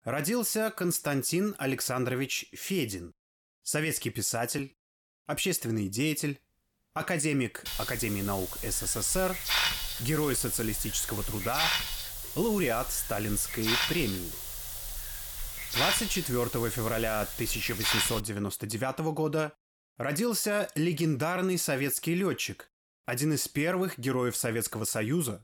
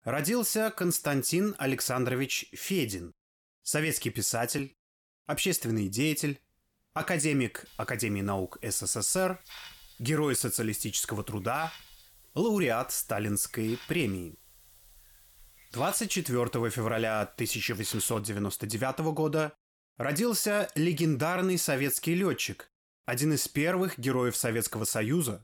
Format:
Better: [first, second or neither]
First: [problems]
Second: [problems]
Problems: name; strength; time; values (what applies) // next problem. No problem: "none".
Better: second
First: hiss; loud; from 7.5 to 18 s; 2 dB below the speech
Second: hiss; faint; from 7.5 to 18 s; 20 dB below the speech